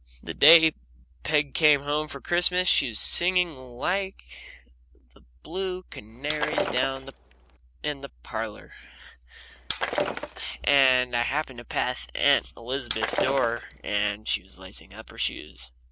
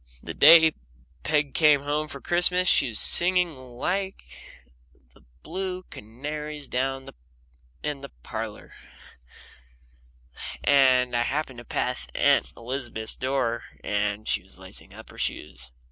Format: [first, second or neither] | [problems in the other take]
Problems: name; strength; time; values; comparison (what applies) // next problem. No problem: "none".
second | background sound (Shatter); 3 dB below the speech